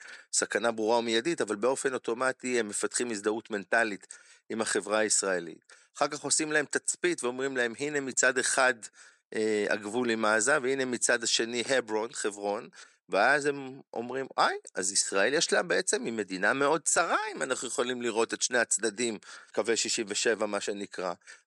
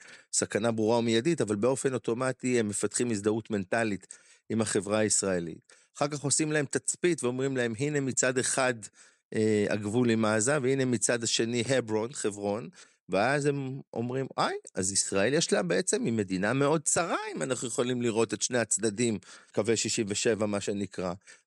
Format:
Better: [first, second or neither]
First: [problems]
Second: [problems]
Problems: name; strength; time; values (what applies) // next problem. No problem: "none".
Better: second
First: thin; somewhat; fading below 300 Hz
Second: none